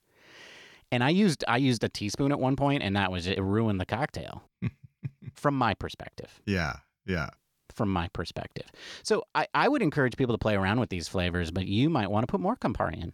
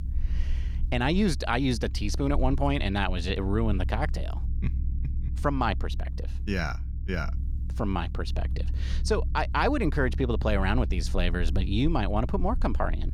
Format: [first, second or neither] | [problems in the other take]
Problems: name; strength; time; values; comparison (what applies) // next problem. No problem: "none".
first | low rumble; faint; throughout; 20 dB below the speech